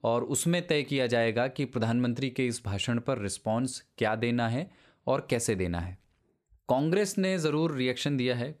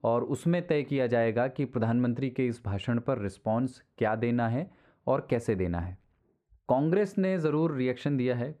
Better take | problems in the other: first | muffled; very; fading above 3 kHz

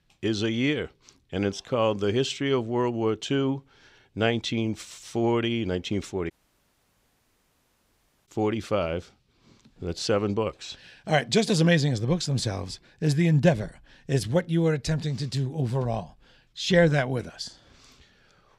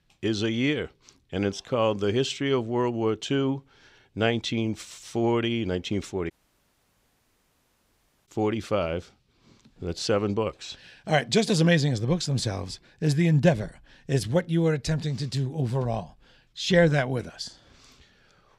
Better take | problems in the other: neither | audio cutting out; at 6.5 s for 2 s; the same in both

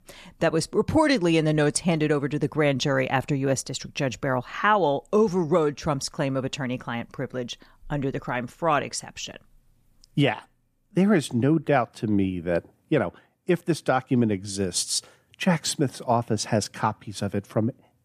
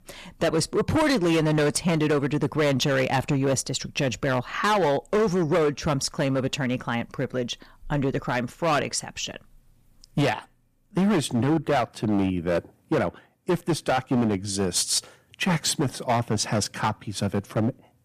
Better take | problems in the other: first | distortion; heavy; 12% of the sound clipped

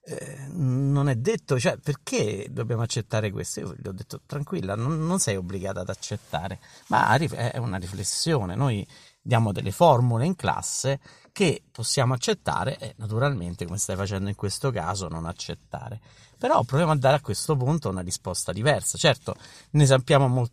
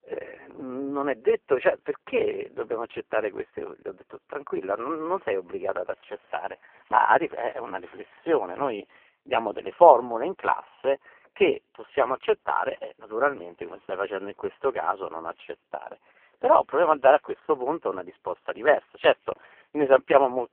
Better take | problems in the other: first | phone-call audio; poor line

